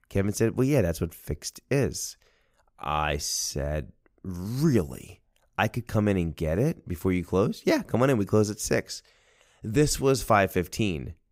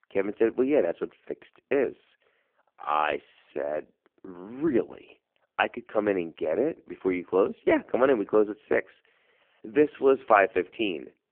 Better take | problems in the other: first | phone-call audio; poor line

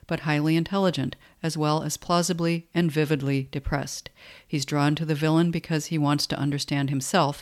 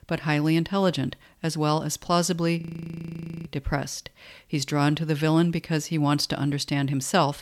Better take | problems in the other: first | audio freezing; at 2.5 s for 1 s

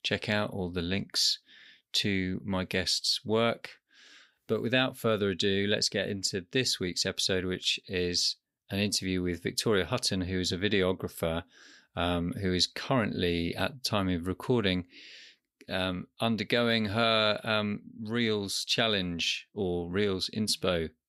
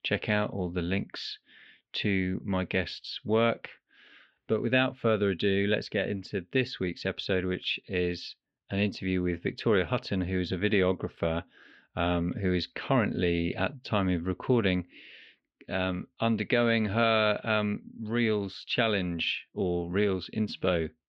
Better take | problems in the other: first | muffled; slightly; fading above 3 kHz

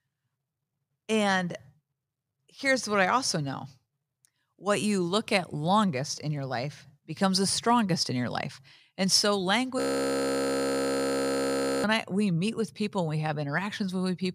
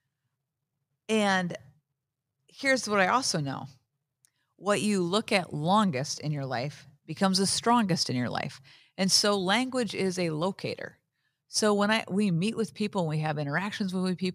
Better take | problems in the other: second | audio freezing; at 10 s for 2 s

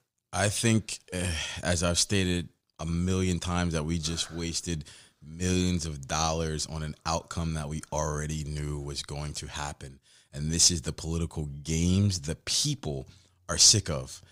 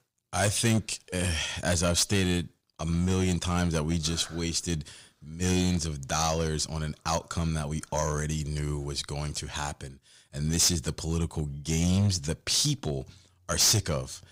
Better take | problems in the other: first | distortion; slight; 4% of the sound clipped

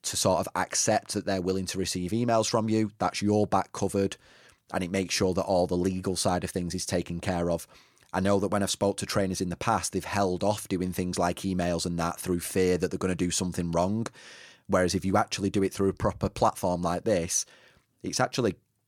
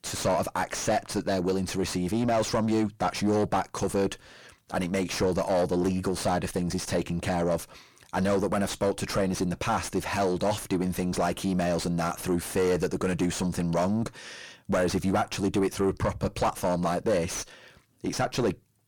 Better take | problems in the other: first | distortion; heavy; 6 dB below the speech

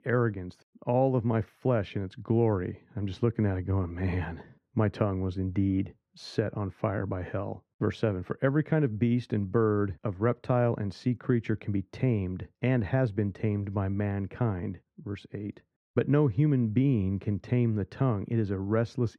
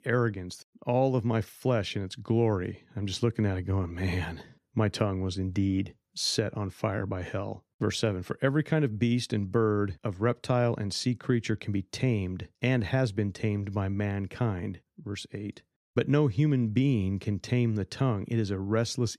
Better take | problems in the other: second | muffled; very; fading above 3.5 kHz

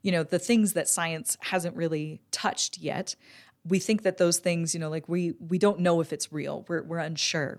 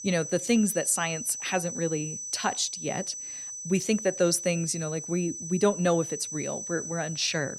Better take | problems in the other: first | high-pitched whine; loud; throughout; 6 kHz, 7 dB below the speech

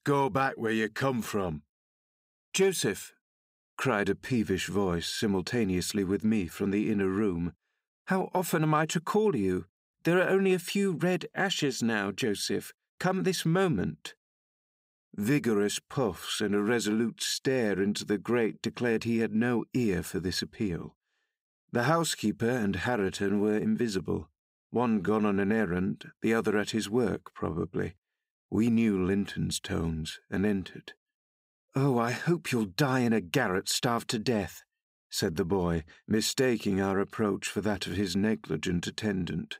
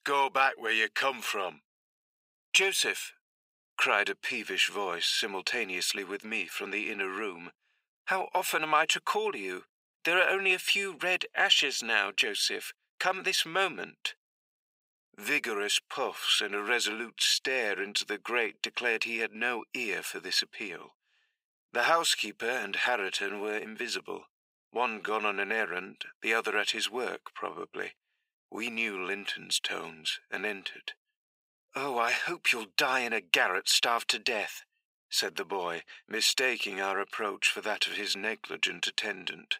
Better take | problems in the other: first | thin; very; fading below 700 Hz

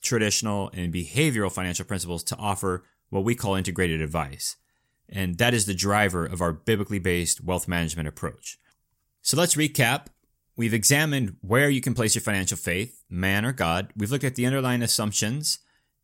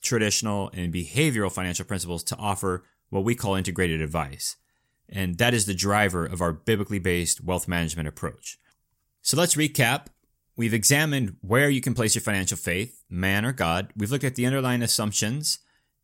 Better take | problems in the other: neither | none

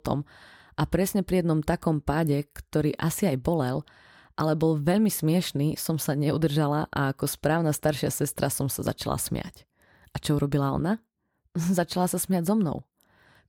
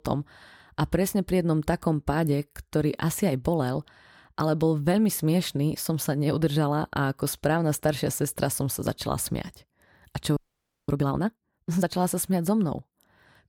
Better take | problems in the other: first | audio freezing; at 10 s for 0.5 s

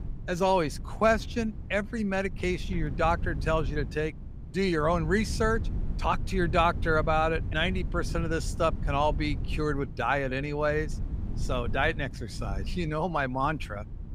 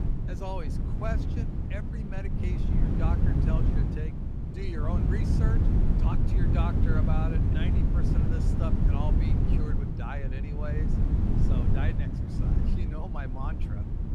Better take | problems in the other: first | wind noise on the microphone; heavy; 1 dB above the speech; occasional gusts in the first

